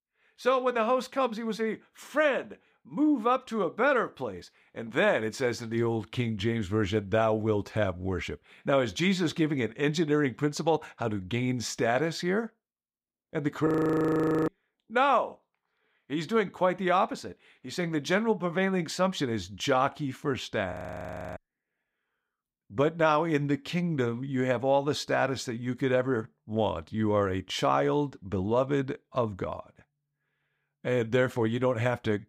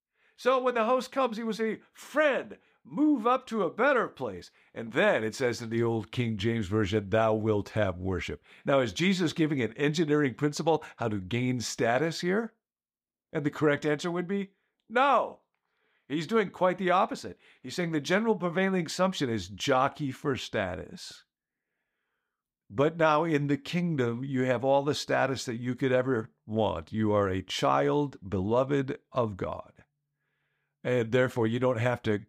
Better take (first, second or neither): second